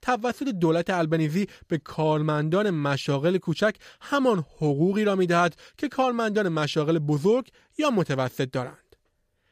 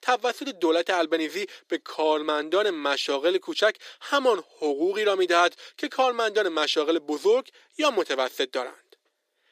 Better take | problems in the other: first | thin; somewhat; fading below 300 Hz

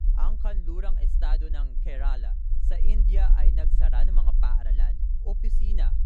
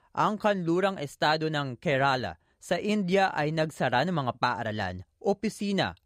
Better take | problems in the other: second | low rumble; loud; throughout; 7 dB below the speech

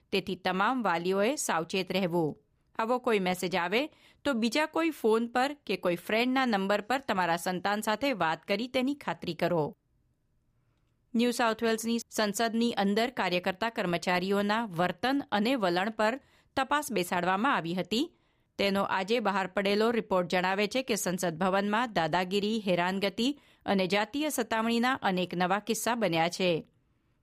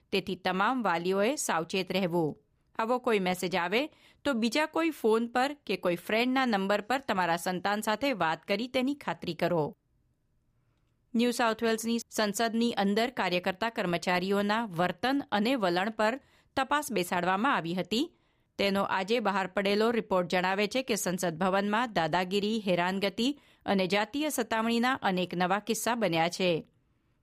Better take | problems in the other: neither | none

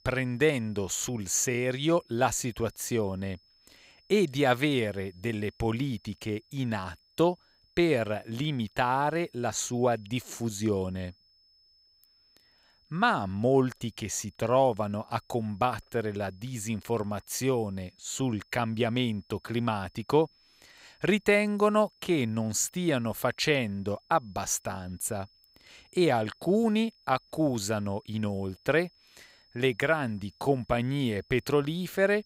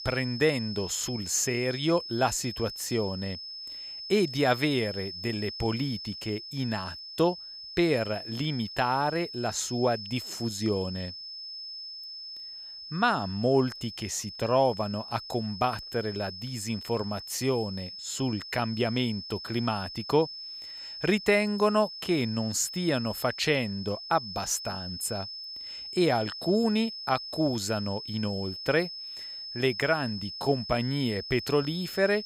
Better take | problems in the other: first | high-pitched whine; loud; throughout; 5 kHz, 9 dB below the speech; faint in the first

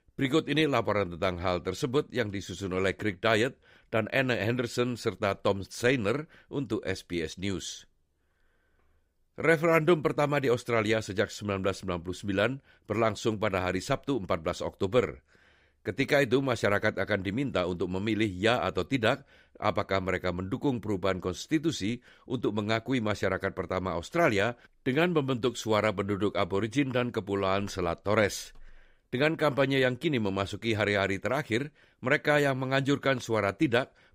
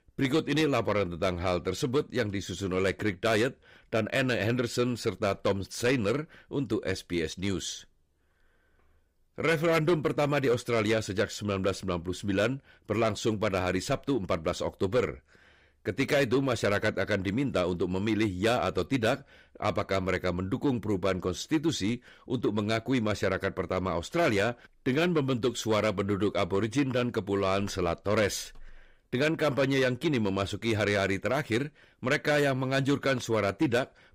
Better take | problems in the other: first | distortion; slight; 10 dB below the speech

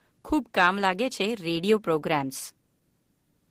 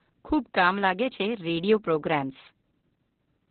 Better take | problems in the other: first | garbled, watery; badly; nothing above 4 kHz; slightly in the first

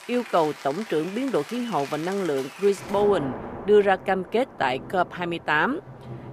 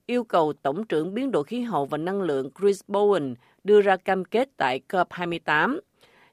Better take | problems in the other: second | rain or running water; noticeable; throughout; 15 dB below the speech

